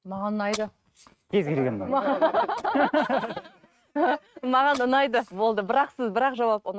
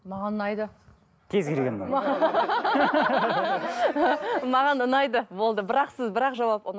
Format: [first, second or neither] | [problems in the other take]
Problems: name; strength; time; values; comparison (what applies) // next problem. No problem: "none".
second | noise reduction (neural mask model RNNoise)